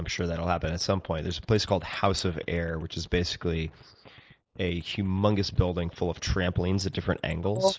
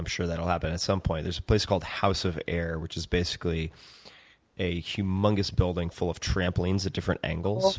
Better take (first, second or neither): second